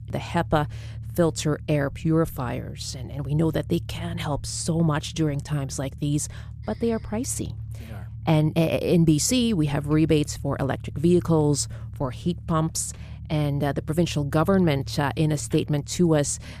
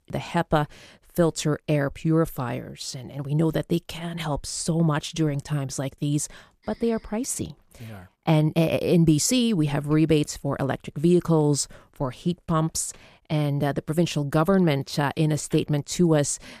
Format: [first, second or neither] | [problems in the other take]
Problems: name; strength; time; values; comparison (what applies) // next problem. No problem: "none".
second | low rumble; faint; throughout; 25 dB below the speech